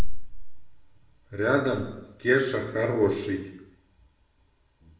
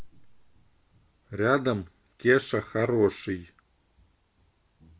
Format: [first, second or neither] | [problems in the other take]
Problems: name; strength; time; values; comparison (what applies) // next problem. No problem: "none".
second | room echo; dies away in 0.7 s